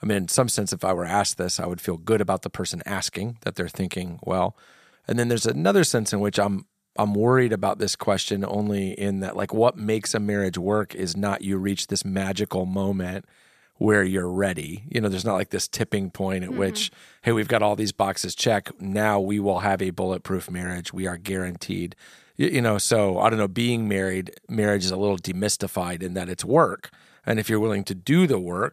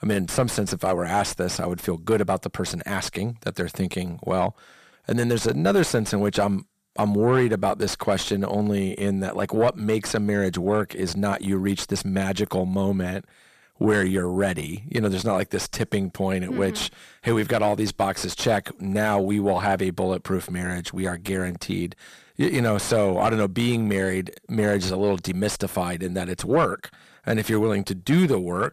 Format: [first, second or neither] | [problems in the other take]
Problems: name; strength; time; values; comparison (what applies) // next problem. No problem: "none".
first | distortion; slight; 10 dB below the speech